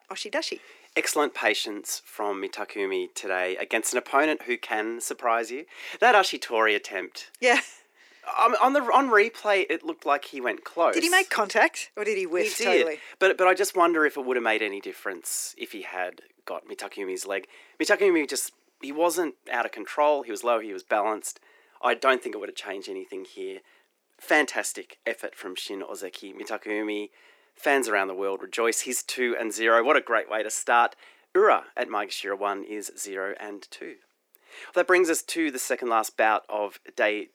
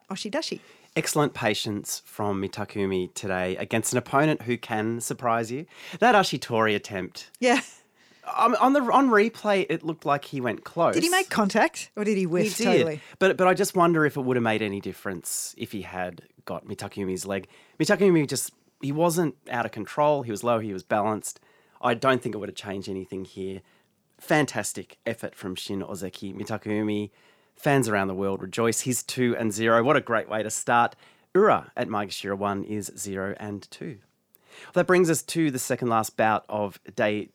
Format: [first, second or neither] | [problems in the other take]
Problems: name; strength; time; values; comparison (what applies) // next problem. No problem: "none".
second | thin; somewhat; fading below 300 Hz